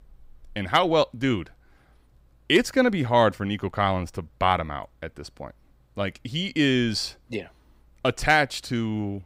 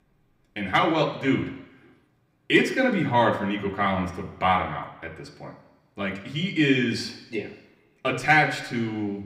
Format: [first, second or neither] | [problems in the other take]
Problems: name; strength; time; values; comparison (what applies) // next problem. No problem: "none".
first | room echo; slight; dies away in 0.9 s // off-mic speech; somewhat distant